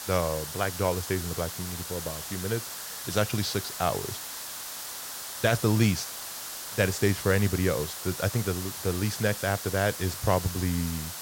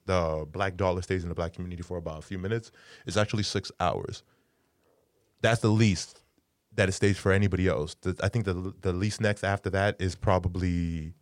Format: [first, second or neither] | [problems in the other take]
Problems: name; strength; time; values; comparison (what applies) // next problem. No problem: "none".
second | hiss; loud; throughout; 6 dB below the speech